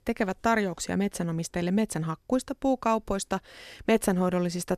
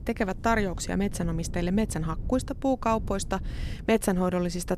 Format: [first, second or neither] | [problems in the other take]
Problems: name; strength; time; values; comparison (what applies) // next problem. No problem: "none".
first | low rumble; faint; throughout; 20 dB below the speech